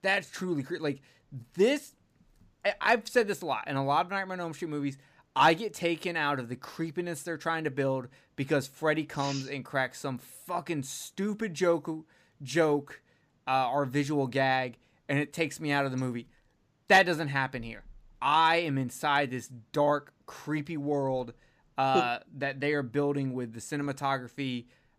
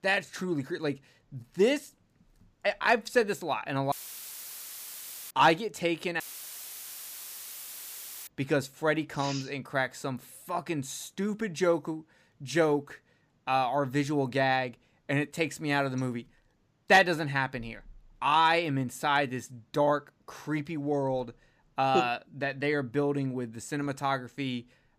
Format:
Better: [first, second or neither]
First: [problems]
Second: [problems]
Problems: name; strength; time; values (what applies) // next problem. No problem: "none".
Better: first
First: none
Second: audio cutting out; filled with static; at 4 s for 1.5 s and at 6 s for 2 s